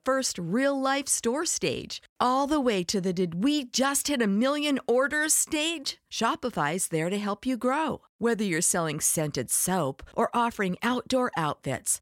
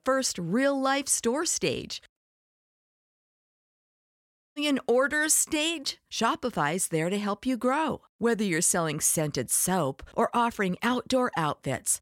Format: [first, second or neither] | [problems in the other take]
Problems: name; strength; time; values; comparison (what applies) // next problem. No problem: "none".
first | audio cutting out; at 2 s for 2.5 s